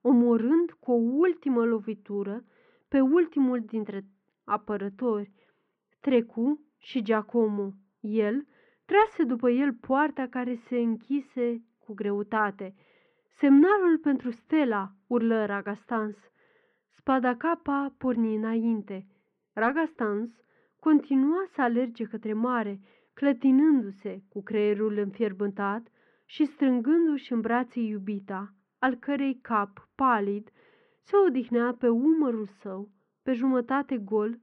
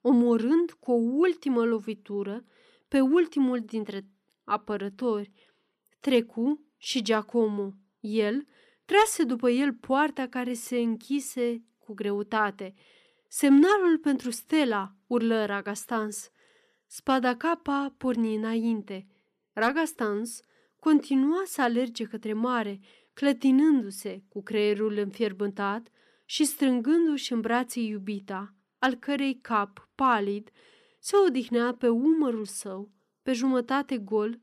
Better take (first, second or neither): second